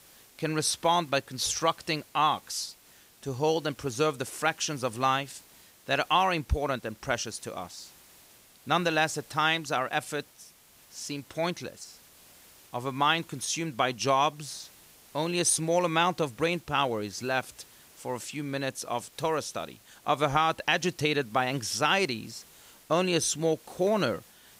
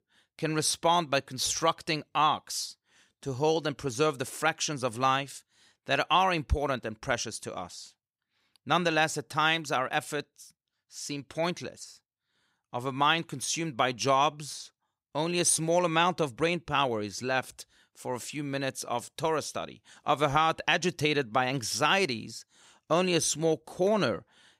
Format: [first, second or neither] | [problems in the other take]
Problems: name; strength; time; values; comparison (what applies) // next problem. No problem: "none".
second | hiss; faint; throughout; 25 dB below the speech